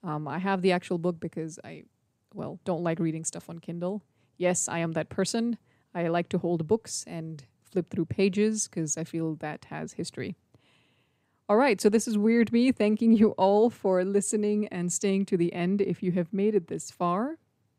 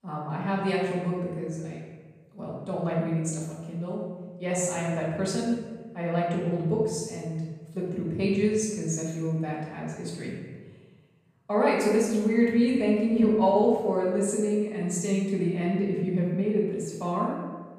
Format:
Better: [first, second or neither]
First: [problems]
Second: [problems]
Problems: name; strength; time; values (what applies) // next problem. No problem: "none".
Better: first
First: none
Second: off-mic speech; far // room echo; noticeable; dies away in 1.2 s